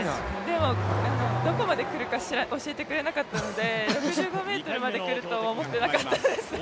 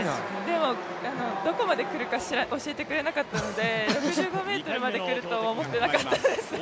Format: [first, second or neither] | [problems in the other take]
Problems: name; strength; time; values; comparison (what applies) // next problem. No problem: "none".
second | background sound (Accelerating, revving, vroom / Car); 7 dB below the speech